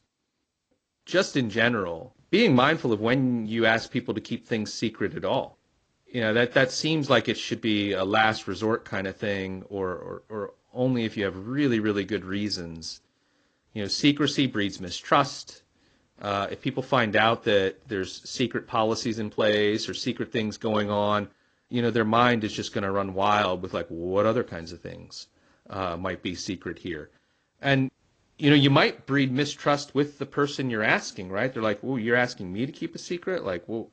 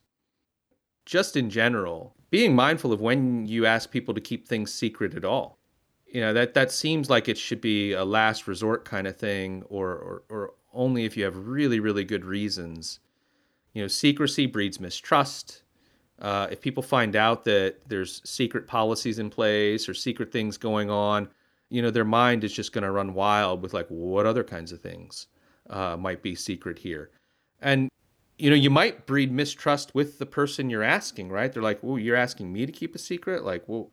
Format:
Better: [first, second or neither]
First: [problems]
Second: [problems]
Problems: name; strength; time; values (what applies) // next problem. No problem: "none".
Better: second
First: garbled, watery; slightly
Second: none